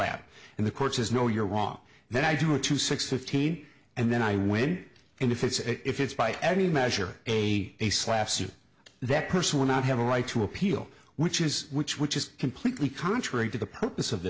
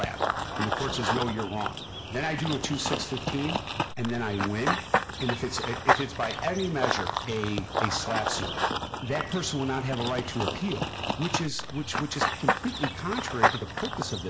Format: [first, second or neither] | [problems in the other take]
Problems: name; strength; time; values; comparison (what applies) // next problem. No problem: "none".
first | background sound (Run / Bird vocalization, bird call, bird song); 1 dB above the speech